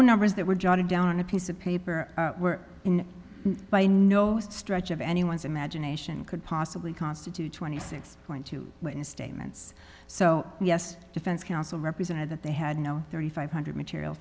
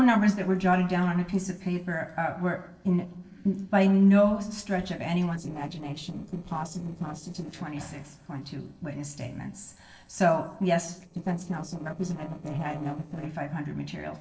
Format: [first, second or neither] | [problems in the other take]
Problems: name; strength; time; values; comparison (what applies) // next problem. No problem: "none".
first | noise reduction (neural separator model SepFormer DNS4)